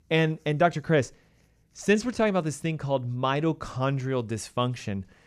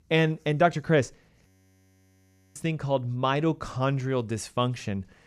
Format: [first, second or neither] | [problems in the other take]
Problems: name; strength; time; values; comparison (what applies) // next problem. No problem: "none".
first | audio freezing; at 1.5 s for 1 s